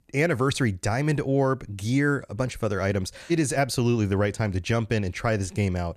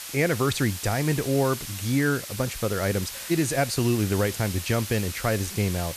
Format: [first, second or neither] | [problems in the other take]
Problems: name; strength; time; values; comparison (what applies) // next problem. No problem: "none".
first | hiss; loud; throughout; 8 dB below the speech